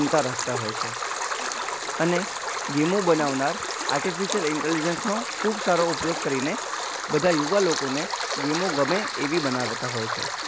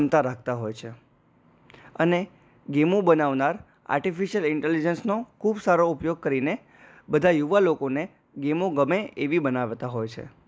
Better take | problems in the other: second | background sound (Stream); 3 dB below the speech

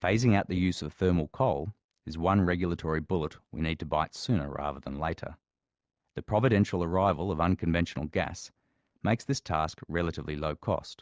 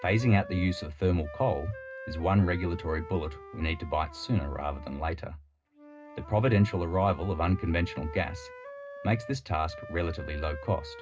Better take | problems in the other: first | background sound (Wind instrument, woodwind instrument); 16 dB below the speech // room echo; dies away in 0.2 s

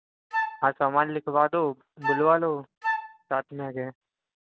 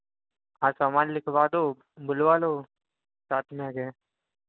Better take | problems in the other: second | background sound (Wind instrument, woodwind instrument); 5 dB below the speech

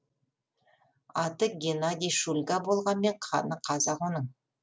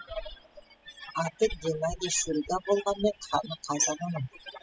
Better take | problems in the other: first | noise reduction (classical method spectral subtraction)

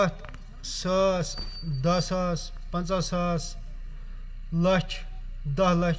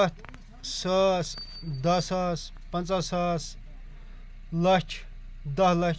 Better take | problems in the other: second | background sound (Car); 19 dB below the speech // room echo; dies away in 0.7 s

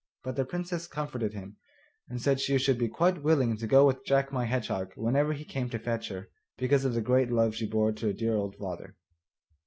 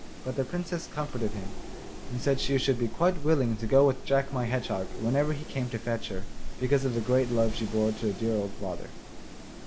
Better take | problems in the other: first | background sound (Wind); 6 dB below the speech

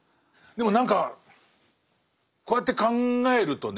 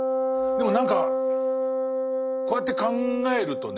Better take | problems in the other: first | background sound (Wind instrument, woodwind instrument); 3 dB above the speech

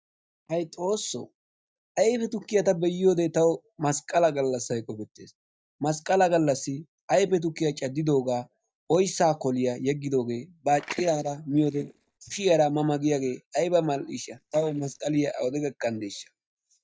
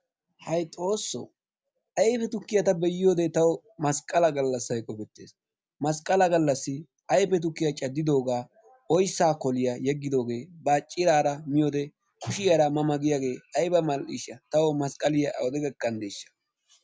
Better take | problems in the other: second | noise reduction (neural mask model DeepFilterNet 3)

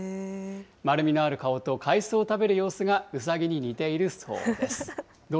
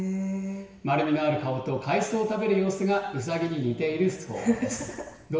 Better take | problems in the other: first | room echo; dies away in 1 s

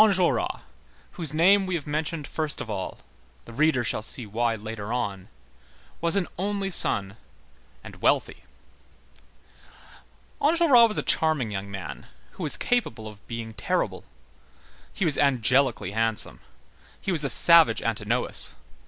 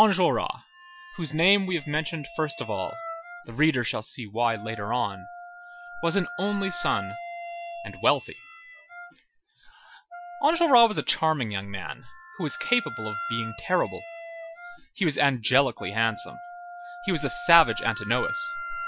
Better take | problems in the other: first | noise reduction (classical method Wiener filter)

